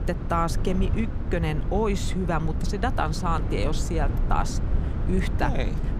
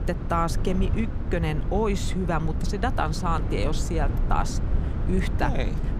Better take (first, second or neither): neither